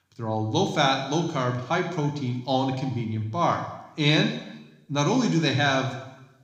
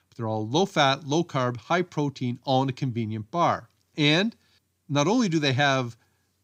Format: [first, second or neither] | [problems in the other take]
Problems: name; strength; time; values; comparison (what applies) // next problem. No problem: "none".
second | room echo; slight; dies away in 0.9 s